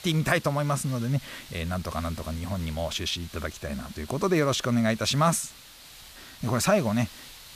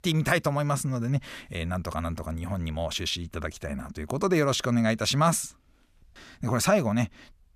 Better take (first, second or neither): second